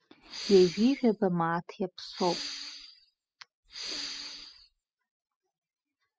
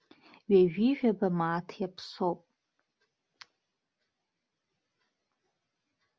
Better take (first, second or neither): second